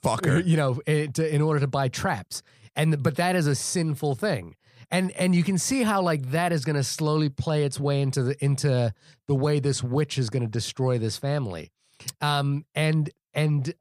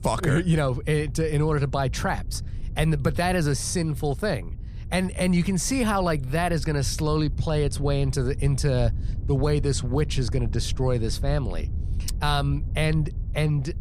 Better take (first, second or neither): first